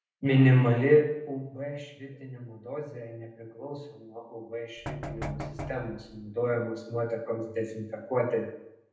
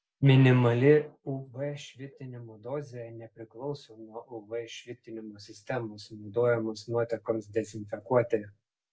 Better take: second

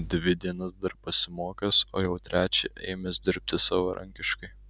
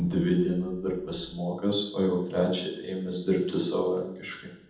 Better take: first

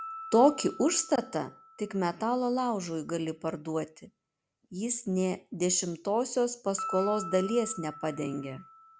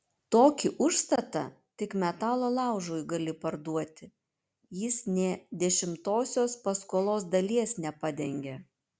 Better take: second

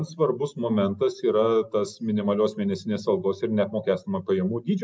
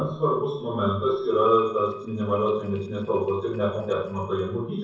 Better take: first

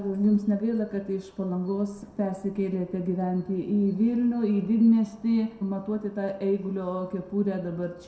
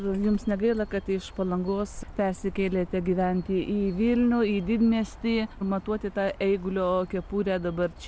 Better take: second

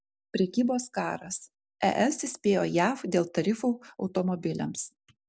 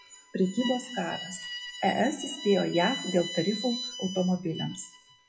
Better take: first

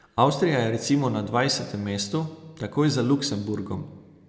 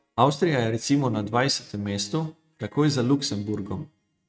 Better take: first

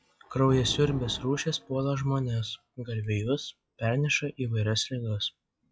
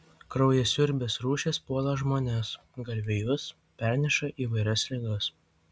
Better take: second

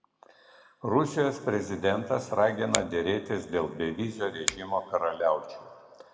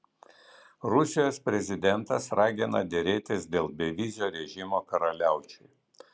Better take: second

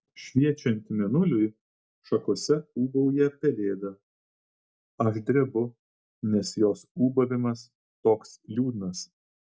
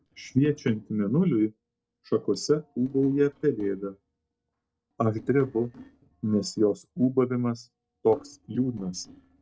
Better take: first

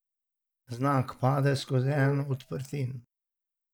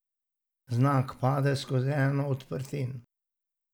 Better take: second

